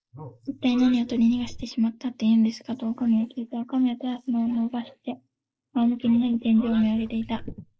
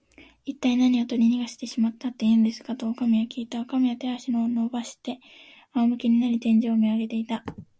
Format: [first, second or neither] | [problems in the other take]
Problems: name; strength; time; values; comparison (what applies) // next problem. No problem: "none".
second | noise reduction (neural mask model Resemble Enhance denoiser)